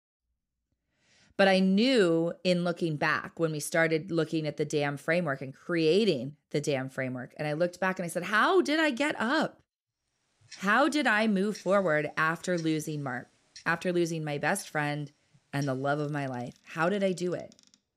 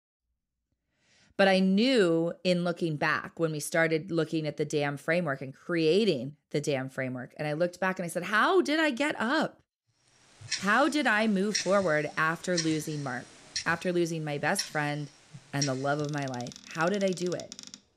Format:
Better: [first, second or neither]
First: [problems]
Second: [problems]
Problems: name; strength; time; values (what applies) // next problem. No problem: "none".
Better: first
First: household noises; faint; from 10 s on; 25 dB below the speech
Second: household noises; loud; from 10 s on; 9 dB below the speech